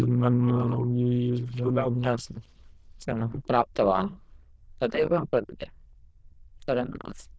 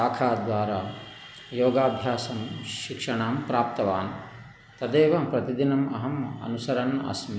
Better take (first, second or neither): second